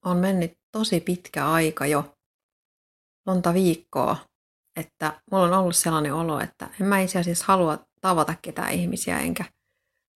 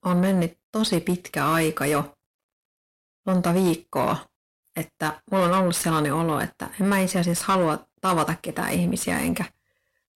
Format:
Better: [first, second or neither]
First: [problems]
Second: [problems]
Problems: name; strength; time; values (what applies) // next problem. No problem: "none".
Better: first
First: none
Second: distortion; slight; 10 dB below the speech